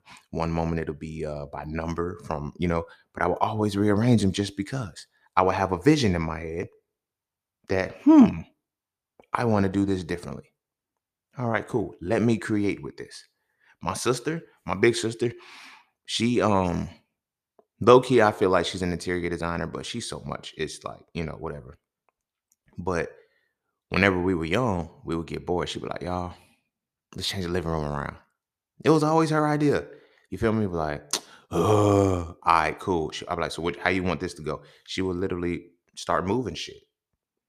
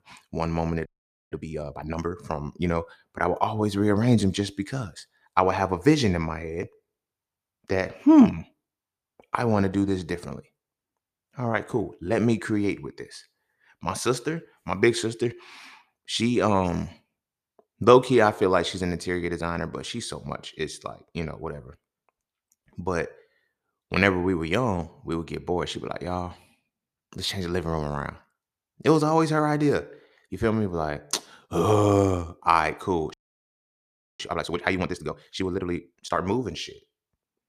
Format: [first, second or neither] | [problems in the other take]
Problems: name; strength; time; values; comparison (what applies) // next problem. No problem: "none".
first | audio freezing; at 1 s and at 33 s for 1 s